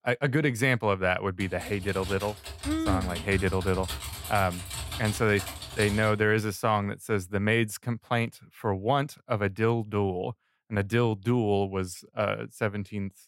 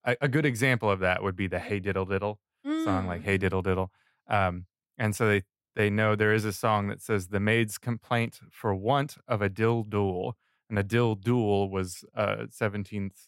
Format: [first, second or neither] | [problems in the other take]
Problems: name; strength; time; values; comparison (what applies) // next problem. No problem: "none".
second | keyboard typing; noticeable; from 1.5 to 6 s; peak 6 dB below the speech